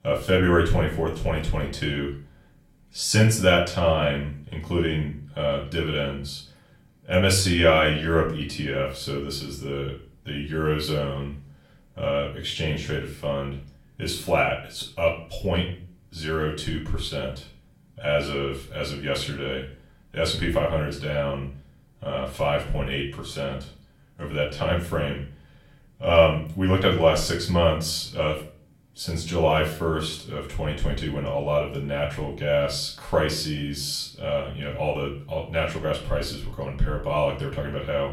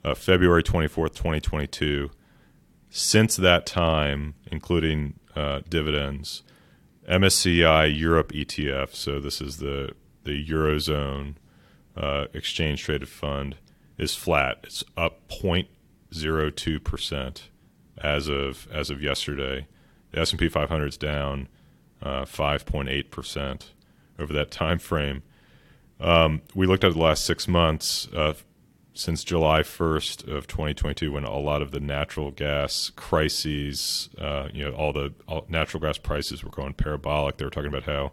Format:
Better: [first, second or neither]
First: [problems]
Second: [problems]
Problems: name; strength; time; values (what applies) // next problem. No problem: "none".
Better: second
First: off-mic speech; far // room echo; slight; dies away in 0.4 s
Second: none